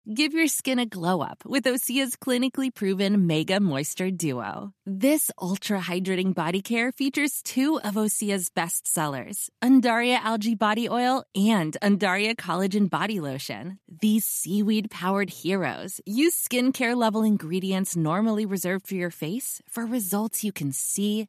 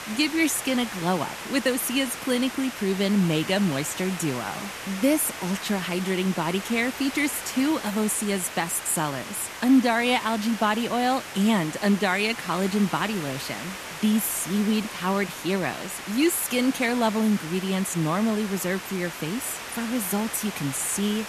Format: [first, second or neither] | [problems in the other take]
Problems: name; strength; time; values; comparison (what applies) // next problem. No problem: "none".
first | hiss; loud; throughout; 10 dB below the speech